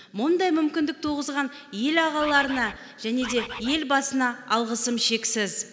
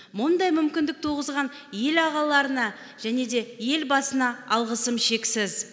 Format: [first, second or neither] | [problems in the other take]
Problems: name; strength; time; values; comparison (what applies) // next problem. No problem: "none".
second | background sound (Bird); 10 dB below the speech